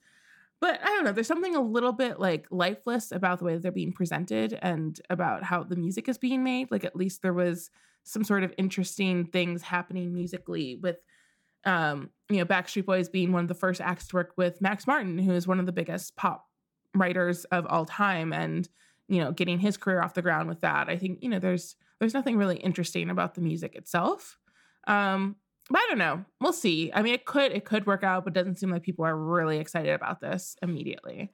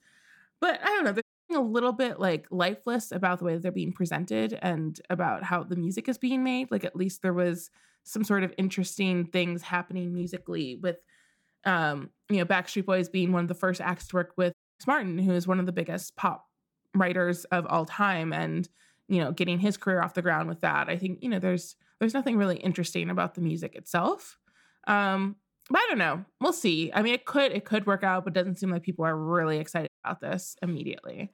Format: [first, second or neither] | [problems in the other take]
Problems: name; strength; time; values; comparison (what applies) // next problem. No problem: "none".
first | audio cutting out; at 1 s, at 15 s and at 30 s